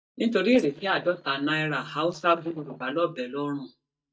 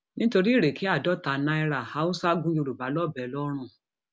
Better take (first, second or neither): second